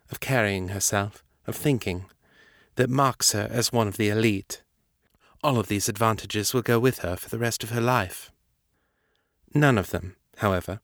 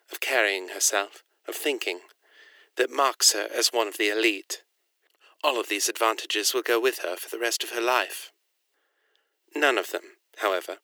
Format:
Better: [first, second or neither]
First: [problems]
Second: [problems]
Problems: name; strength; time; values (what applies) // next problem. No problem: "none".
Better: first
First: none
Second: thin; very; fading below 350 Hz